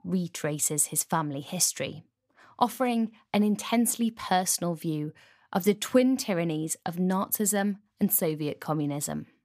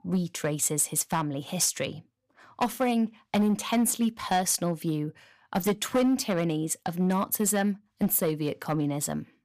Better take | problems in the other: first | distortion; slight; 5% of the sound clipped

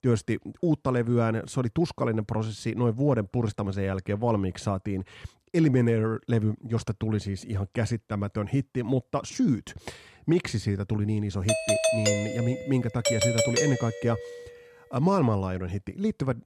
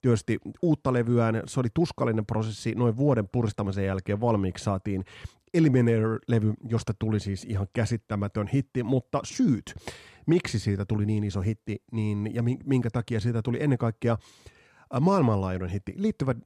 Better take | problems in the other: second | doorbell; loud; from 11 to 14 s; peak 4 dB above the speech

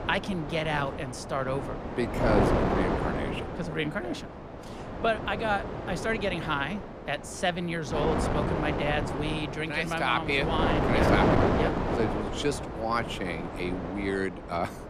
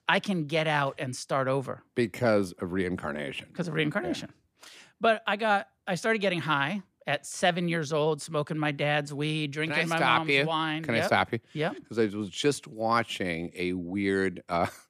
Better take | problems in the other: second | wind noise on the microphone; heavy; 1 dB below the speech

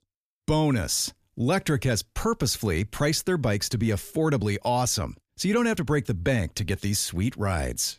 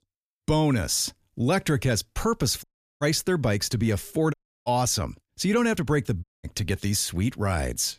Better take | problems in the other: first | audio cutting out; at 2.5 s, at 4.5 s and at 6 s

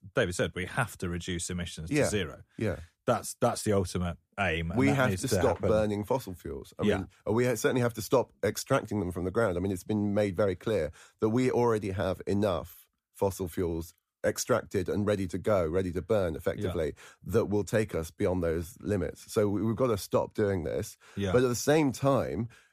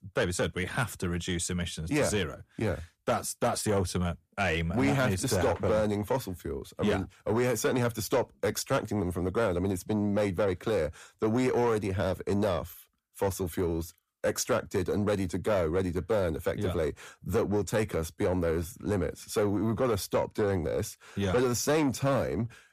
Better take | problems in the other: first | distortion; slight; 10 dB below the speech

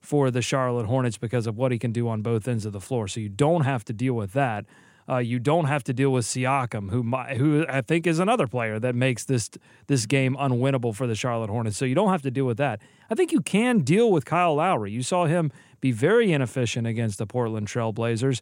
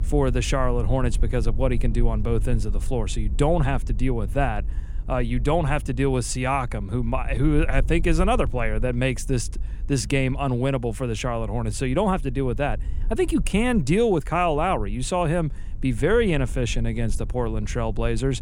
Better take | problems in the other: first | low rumble; faint; throughout; 25 dB below the speech

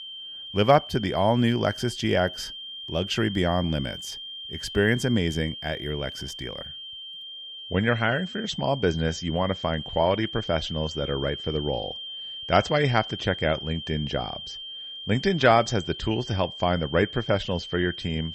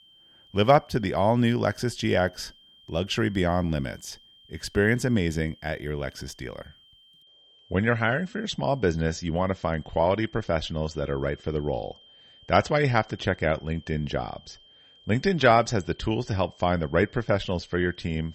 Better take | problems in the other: second | high-pitched whine; loud; throughout; 3 kHz, 10 dB below the speech; faint in the second

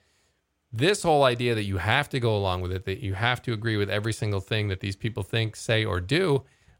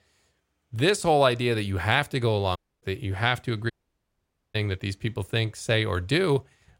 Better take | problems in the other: first | audio cutting out; at 2.5 s and at 3.5 s for 1 s

